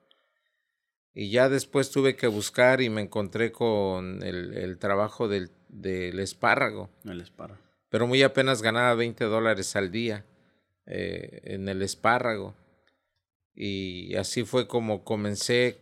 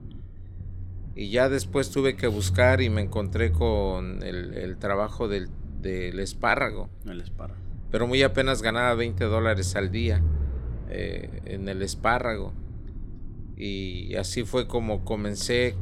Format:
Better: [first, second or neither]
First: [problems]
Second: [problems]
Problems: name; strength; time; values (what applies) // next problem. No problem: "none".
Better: first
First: none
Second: low rumble; faint; throughout; 20 dB below the speech